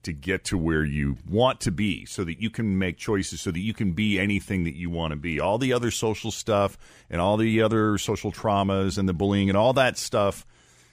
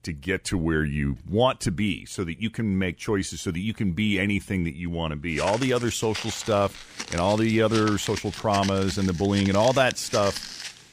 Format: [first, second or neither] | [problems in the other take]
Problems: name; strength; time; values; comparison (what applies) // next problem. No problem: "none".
first | footsteps; noticeable; from 5.5 s on; peak 6 dB below the speech